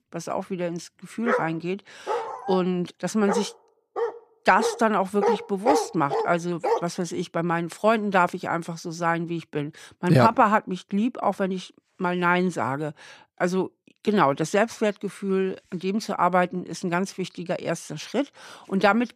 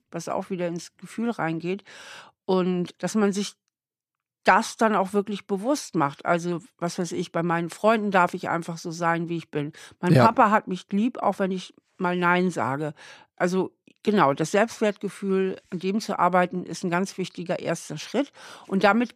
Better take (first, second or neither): second